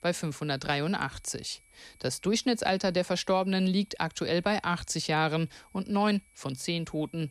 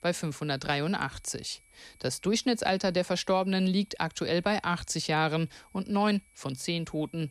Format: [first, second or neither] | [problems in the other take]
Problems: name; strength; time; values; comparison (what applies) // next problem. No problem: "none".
neither | high-pitched whine; faint; throughout; 2.5 kHz, 30 dB below the speech; the same in both